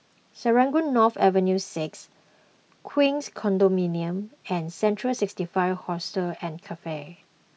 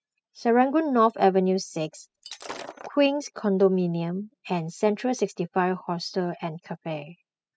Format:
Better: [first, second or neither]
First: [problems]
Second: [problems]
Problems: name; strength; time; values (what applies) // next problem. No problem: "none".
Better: first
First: none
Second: noise reduction (classical method spectral subtraction)